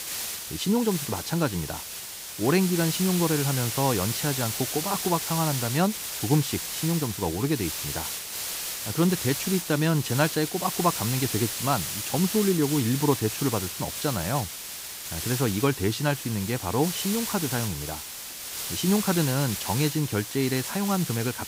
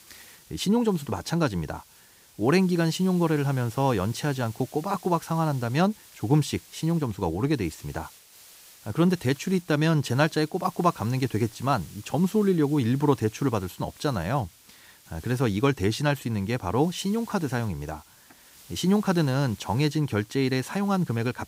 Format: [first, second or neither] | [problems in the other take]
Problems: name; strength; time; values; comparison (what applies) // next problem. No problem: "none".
second | hiss; loud; throughout; 4 dB below the speech; faint in the second